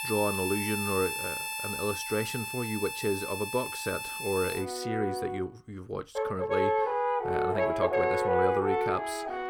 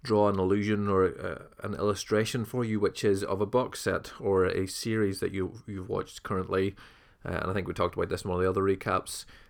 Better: second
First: background music; very loud; throughout; 2 dB above the speech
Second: none

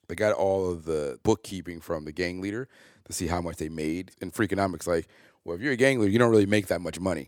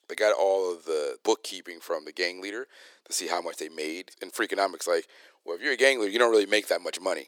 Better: first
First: none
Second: thin; very; fading below 400 Hz

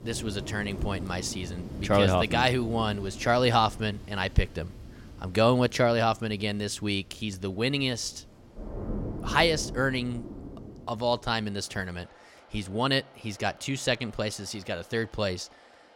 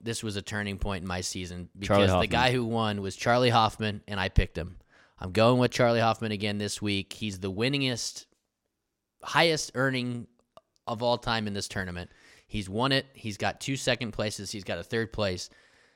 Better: second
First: rain or running water; noticeable; throughout; 15 dB below the speech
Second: none

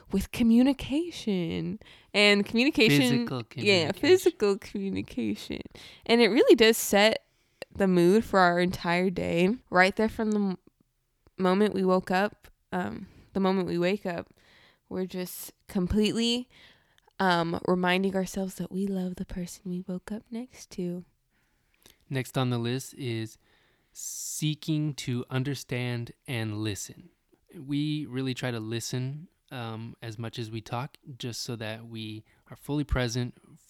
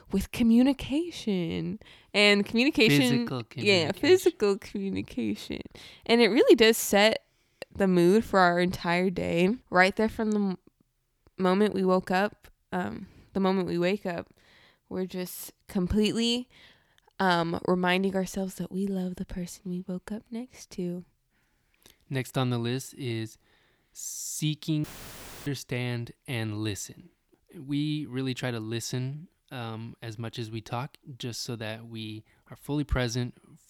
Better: first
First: none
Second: audio cutting out; filled with static; at 25 s for 0.5 s

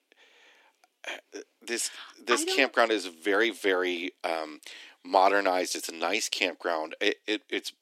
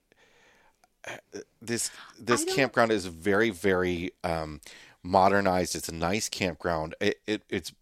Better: second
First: thin; very slightly; fading below 300 Hz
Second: none

